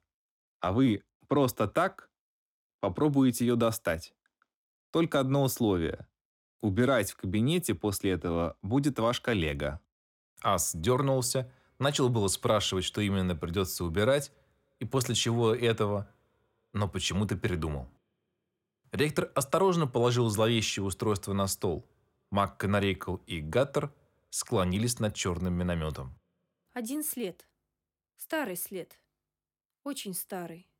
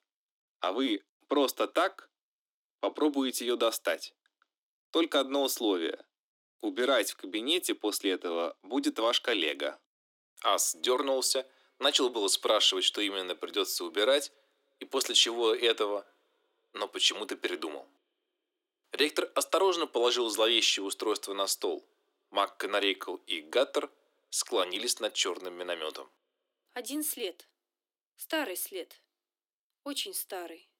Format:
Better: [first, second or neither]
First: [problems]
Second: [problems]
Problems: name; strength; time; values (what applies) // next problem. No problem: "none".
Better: first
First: none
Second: thin; somewhat; fading below 300 Hz